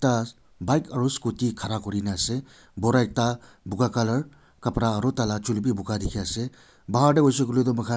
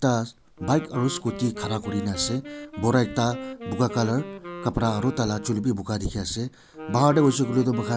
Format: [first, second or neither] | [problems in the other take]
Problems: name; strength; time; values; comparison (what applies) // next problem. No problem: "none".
first | background sound (Wind instrument, woodwind instrument); 13 dB below the speech